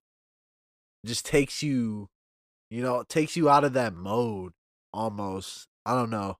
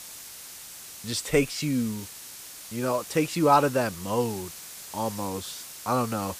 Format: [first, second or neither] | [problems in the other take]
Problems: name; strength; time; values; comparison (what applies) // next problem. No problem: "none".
first | hiss; noticeable; throughout; 15 dB below the speech